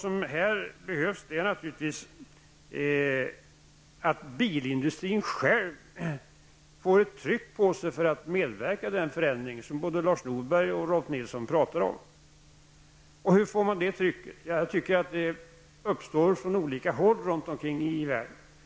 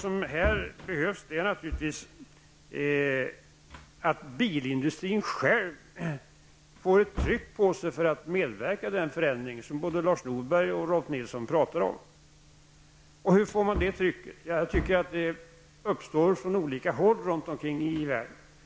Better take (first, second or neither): first